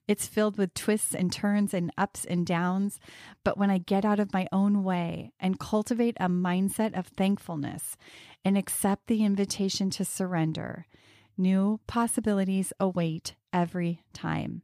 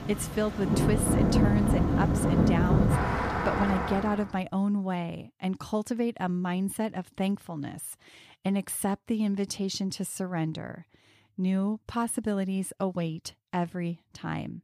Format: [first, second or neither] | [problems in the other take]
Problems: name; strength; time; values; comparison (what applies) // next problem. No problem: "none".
first | rain or running water; very loud; until 4 s; 4 dB above the speech